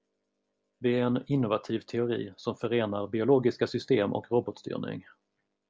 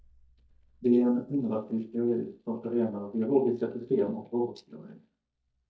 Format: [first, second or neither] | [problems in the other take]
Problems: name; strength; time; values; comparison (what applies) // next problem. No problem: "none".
first | noise reduction (neural mask model DeepFilterNet 3)